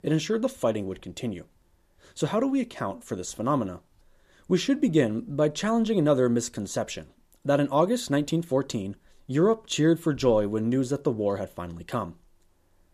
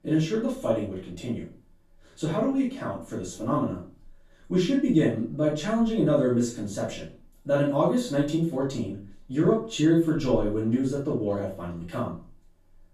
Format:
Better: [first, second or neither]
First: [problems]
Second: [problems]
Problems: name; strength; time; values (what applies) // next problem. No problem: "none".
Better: first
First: none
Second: off-mic speech; far // room echo; noticeable; dies away in 0.3 s